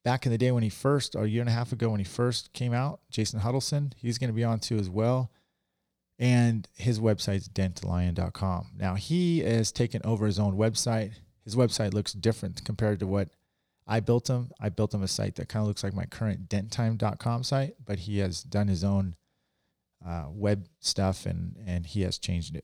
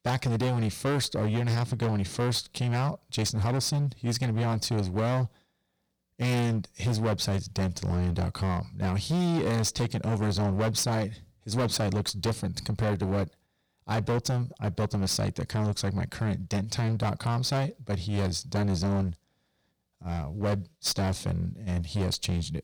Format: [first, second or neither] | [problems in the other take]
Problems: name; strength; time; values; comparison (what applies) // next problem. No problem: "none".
first | distortion; heavy; 19% of the sound clipped